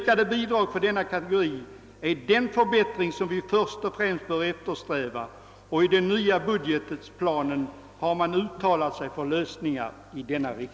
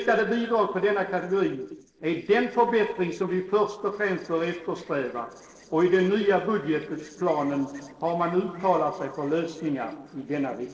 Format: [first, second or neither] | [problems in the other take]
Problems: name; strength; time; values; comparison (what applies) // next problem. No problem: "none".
first | noise reduction (neural separator model SepFormer DNS4)